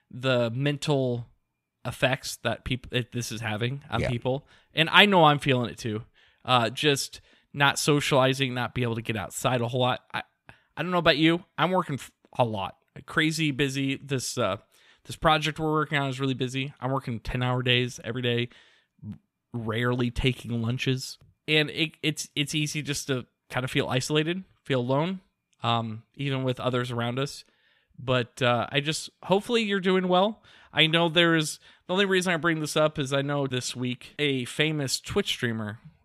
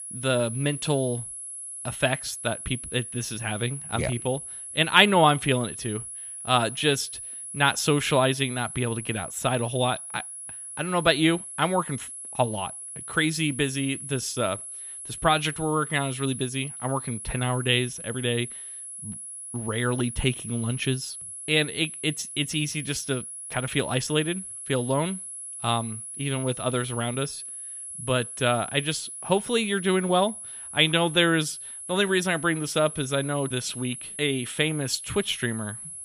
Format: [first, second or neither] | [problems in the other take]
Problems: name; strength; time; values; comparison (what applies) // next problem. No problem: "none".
first | high-pitched whine; loud; throughout; 10.5 kHz, 9 dB below the speech